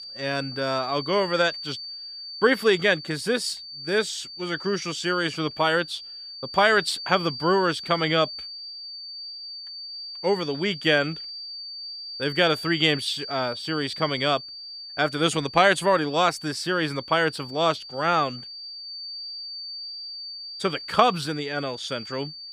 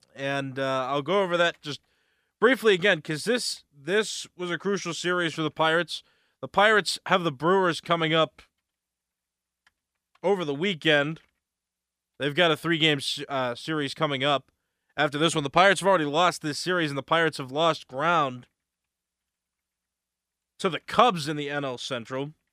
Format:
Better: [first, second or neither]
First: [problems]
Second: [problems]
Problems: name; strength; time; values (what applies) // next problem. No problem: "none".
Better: second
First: high-pitched whine; noticeable; throughout; 4.5 kHz, 10 dB below the speech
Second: none